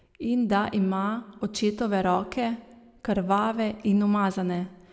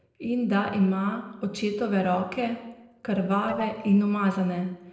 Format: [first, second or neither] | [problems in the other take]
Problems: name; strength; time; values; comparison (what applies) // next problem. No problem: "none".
first | noise reduction (neural separator model SepFormer DNS4)